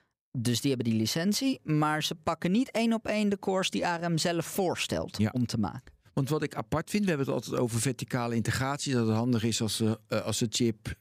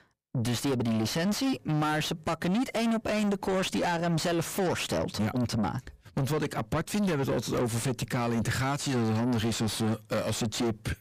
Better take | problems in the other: first | distortion; heavy; 7 dB below the speech

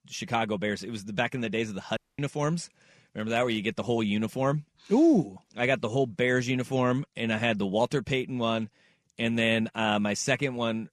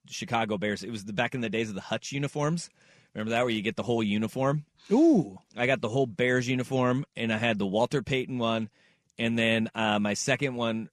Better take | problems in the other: second | audio cutting out; at 2 s

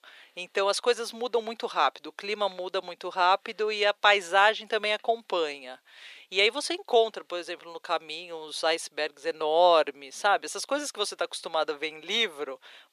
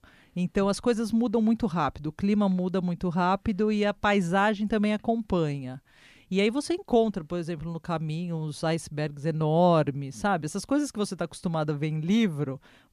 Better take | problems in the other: second | thin; very; fading below 450 Hz

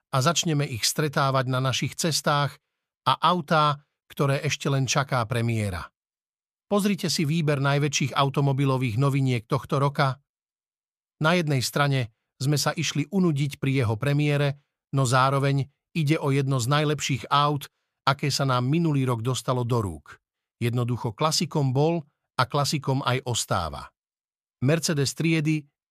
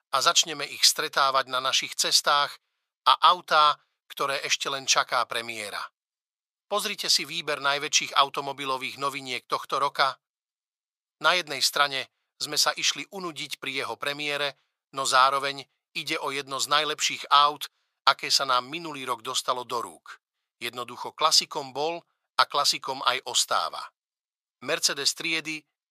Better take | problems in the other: first | thin; very; fading below 700 Hz

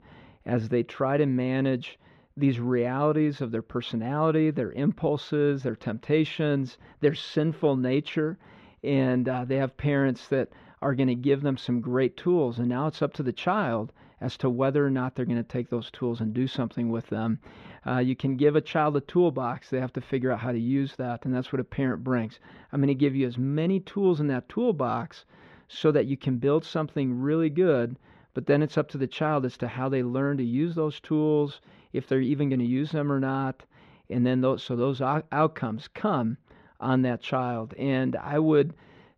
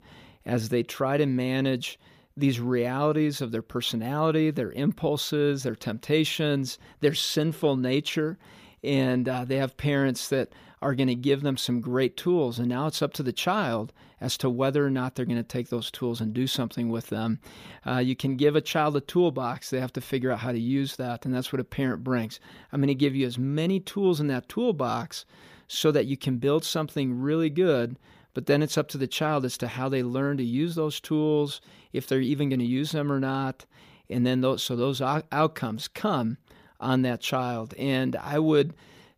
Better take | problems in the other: second | muffled; slightly; fading above 2 kHz

